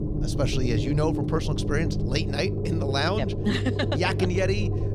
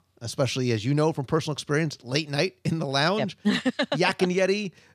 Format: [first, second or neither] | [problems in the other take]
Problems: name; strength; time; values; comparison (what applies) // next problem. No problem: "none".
second | low rumble; loud; throughout; 6 dB below the speech